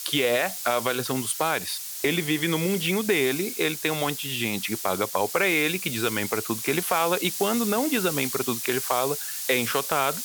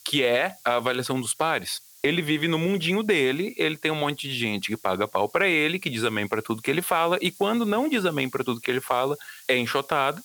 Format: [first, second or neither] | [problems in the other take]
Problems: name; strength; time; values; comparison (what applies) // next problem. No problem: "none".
second | hiss; loud; throughout; 5 dB below the speech; faint in the second